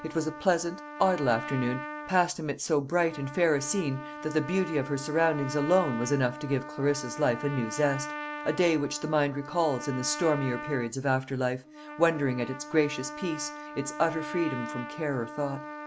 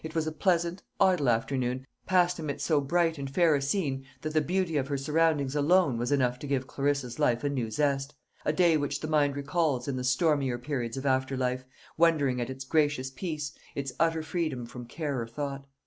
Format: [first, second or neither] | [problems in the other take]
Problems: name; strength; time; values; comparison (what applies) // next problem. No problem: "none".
second | background sound (Trumpet); 11 dB below the speech